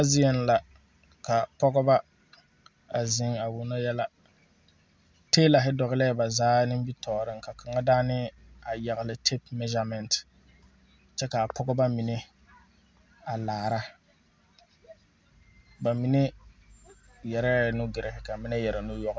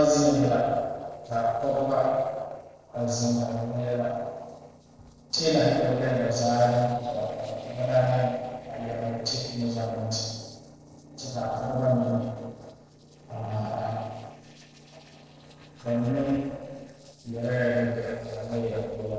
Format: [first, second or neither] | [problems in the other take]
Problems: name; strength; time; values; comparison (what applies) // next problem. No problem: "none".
first | noise reduction (neural separator model SepFormer DNS4)